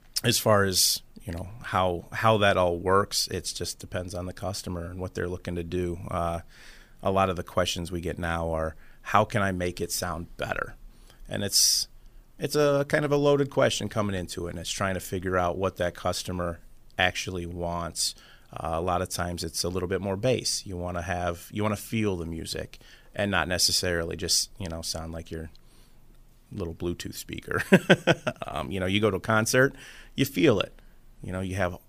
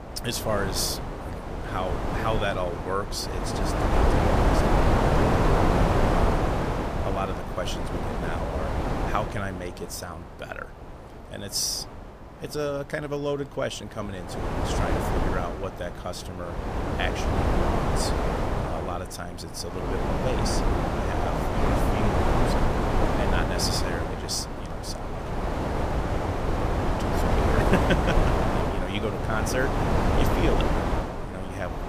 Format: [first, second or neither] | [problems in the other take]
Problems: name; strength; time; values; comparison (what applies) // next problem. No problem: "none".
first | wind noise on the microphone; heavy; 4 dB above the speech